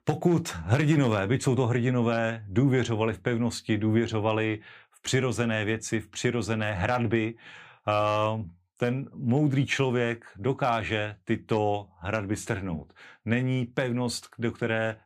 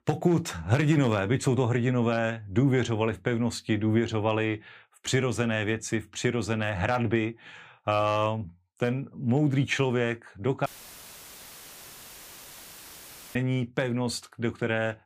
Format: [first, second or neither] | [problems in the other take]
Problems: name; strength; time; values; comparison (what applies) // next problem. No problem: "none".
first | audio cutting out; filled with static; at 11 s for 2.5 s